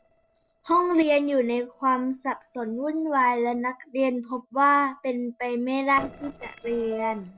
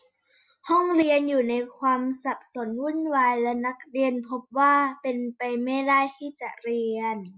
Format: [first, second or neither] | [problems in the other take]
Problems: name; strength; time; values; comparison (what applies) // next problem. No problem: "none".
second | noise reduction (neural separator model SepFormer DNS4)